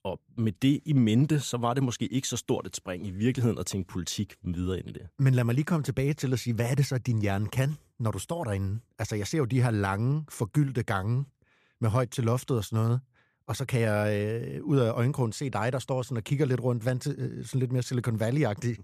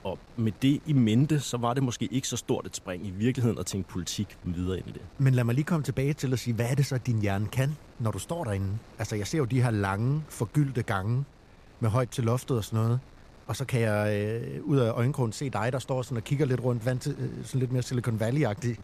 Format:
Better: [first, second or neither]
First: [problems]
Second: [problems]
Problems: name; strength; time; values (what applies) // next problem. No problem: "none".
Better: first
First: none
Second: wind noise on the microphone; occasional gusts; 25 dB below the speech